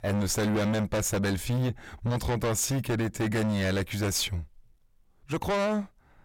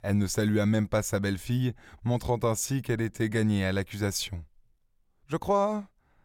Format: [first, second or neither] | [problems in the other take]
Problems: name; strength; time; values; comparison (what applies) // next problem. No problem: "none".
second | distortion; heavy; 6 dB below the speech